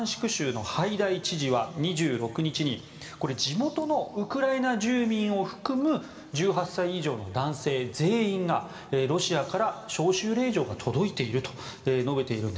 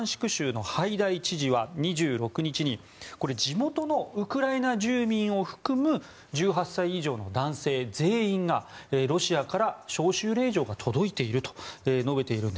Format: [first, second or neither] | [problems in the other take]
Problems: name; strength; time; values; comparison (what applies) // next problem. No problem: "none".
second | room echo; dies away in 1.7 s